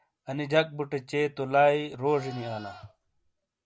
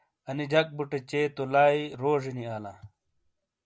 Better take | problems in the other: second | background sound (Livestock, farm animals, working animals); 19 dB below the speech

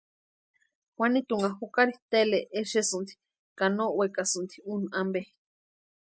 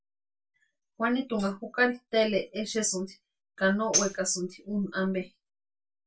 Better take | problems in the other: first | background sound (Tambourine); 4 dB below the speech // room echo; dies away in 0.1 s

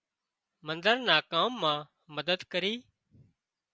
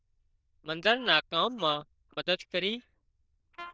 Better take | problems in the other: first | noise reduction (neural diffusion model UNIVERSE++)

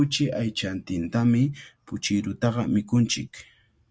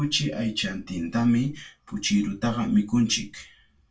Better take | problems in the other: first | room echo; dies away in 0.2 s

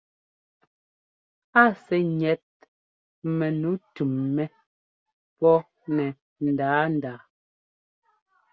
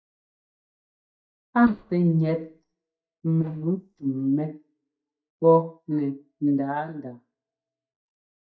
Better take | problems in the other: first | noise reduction (neural mask model DeepFilterNet 3)

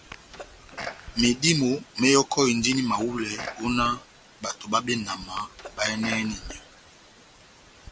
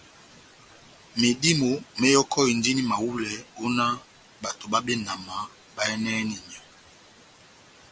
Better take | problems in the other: second | background sound (Sneeze); 16 dB below the speech

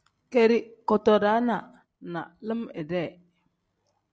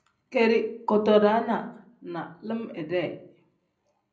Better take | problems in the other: first | room echo; dies away in 0.5 s

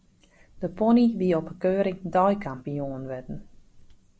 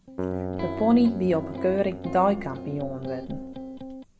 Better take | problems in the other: first | background sound (Electric guitar + Keyboard (musical)); 8 dB below the speech

